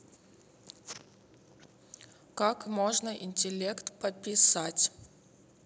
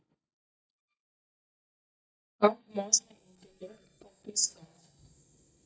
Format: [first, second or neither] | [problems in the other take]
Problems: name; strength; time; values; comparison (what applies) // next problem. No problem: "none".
first | noise reduction (neural mask model DeepFilterNet 3)